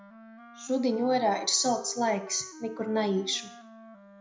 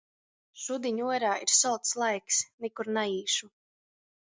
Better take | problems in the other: second | background sound (Wind instrument, woodwind instrument); 18 dB below the speech // room echo; dies away in 0.5 s

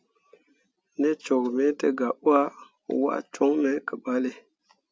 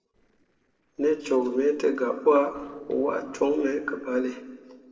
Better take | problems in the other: first | noise reduction (neural separator model SepFormer DNS4)

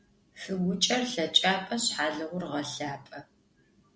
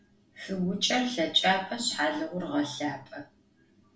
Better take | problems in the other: first | room echo; dies away in 0.2 s

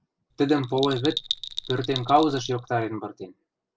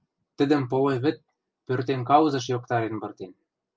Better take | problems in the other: second | background sound (Bell); 9 dB below the speech

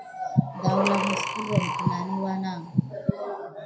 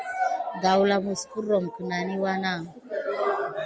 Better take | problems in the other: second | background sound (Breathing); 3 dB above the speech // room echo; dies away in 0.3 s

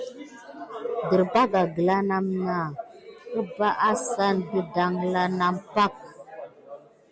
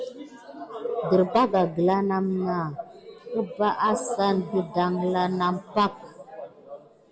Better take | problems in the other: first | room echo; dies away in 0.6 s

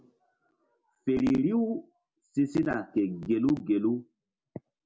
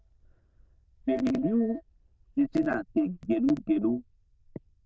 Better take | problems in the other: first | noise reduction (neural diffusion model UNIVERSE++)

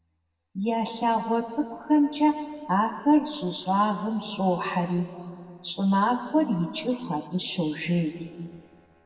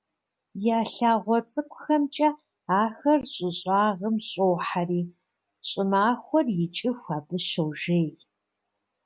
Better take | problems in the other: second | noise reduction (neural separator model SepFormer DNS4)

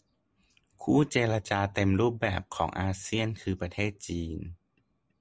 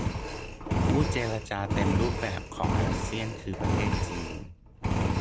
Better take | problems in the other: first | background sound (Engine); 4 dB above the speech

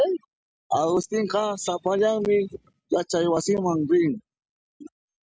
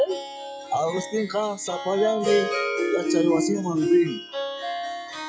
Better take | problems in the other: first | noise reduction (classical method log-MMSE)

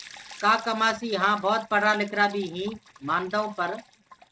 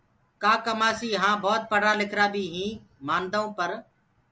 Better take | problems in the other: second | noise reduction (neural mask model RNNoise)

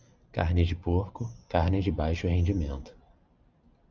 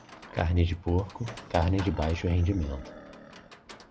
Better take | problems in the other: first | background sound (Livestock, farm animals, working animals); 17 dB below the speech

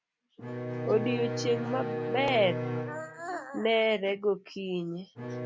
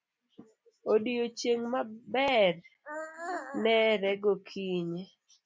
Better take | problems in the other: second | background sound (Bowed string instrument); 5 dB below the speech

